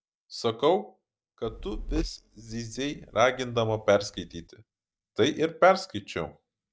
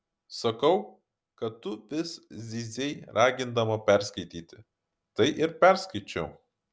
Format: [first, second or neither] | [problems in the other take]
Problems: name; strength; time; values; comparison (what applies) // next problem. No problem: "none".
second | noise reduction (neural mask model DeepFilterNet 3)